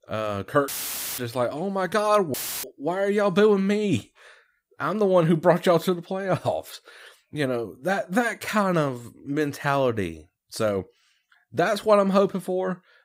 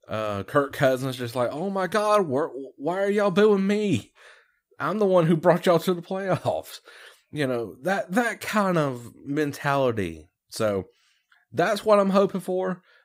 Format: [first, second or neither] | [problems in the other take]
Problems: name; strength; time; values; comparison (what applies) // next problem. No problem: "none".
second | audio cutting out; filled with static; at 0.5 s and at 2.5 s